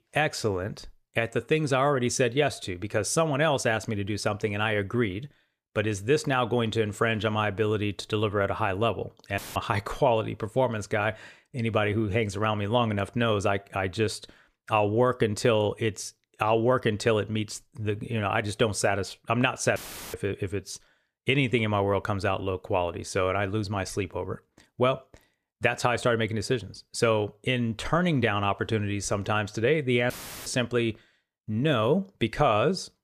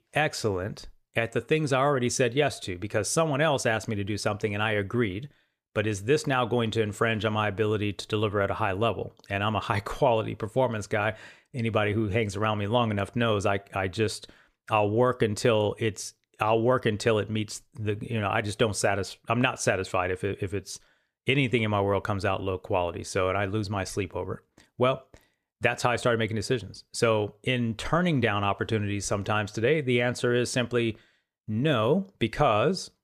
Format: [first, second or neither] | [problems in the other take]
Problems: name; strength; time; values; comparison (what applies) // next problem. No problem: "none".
second | audio cutting out; filled with static; at 9.5 s, at 20 s and at 30 s